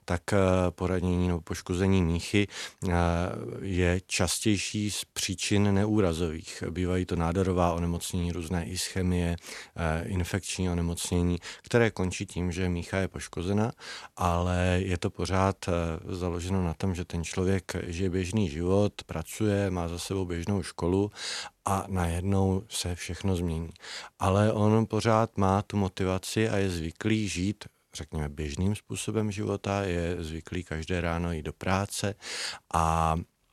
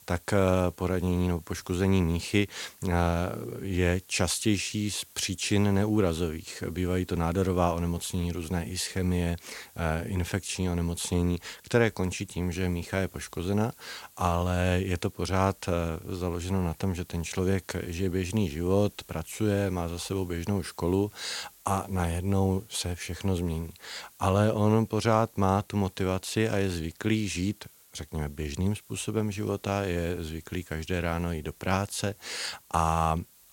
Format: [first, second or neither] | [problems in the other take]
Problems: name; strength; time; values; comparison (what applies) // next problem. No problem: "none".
first | hiss; faint; throughout; 25 dB below the speech